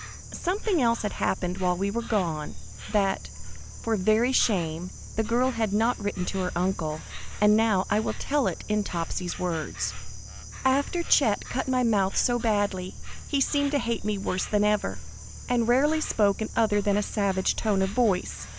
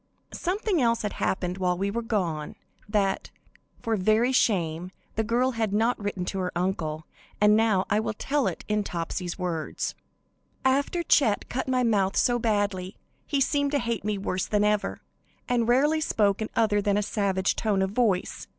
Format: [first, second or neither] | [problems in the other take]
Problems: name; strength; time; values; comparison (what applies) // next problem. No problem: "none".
second | background sound (Insect); 11 dB below the speech